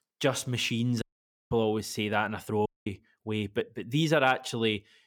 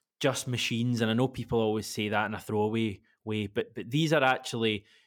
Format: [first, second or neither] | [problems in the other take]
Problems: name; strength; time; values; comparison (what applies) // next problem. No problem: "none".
second | audio cutting out; at 1 s and at 2.5 s